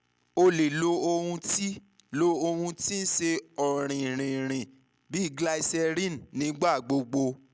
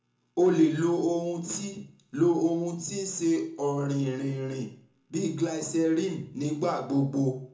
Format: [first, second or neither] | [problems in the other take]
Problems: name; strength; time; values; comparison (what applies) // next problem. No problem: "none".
first | room echo; dies away in 0.6 s